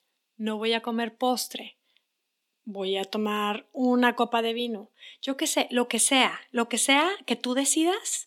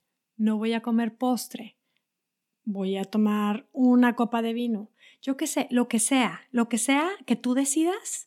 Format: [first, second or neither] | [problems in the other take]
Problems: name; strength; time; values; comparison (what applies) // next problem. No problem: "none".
second | thin; somewhat; fading below 400 Hz